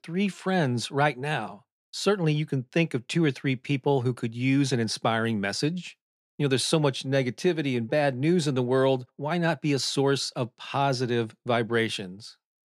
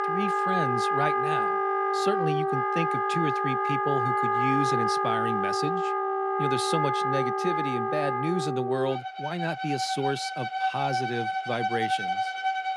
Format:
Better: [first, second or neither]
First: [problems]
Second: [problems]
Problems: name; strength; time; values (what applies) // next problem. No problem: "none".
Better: first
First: none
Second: background music; very loud; throughout; 4 dB above the speech